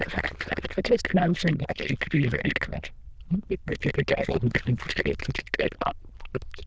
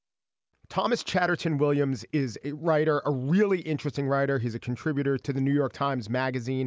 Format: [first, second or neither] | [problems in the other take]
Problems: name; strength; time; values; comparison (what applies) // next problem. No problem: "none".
second | noise reduction (neural diffusion model UNIVERSE++)